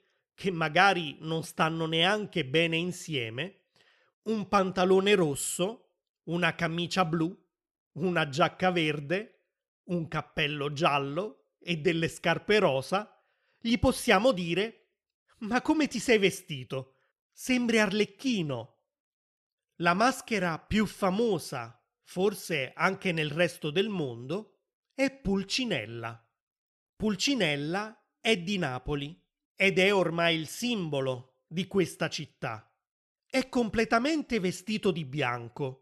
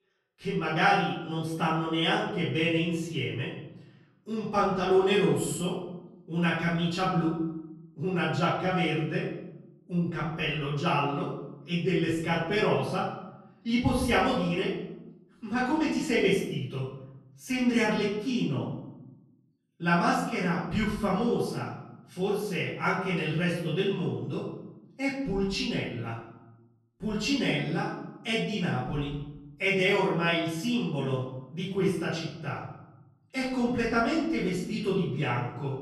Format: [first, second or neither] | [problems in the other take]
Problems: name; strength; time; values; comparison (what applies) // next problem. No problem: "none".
first | off-mic speech; far // room echo; noticeable; dies away in 1 s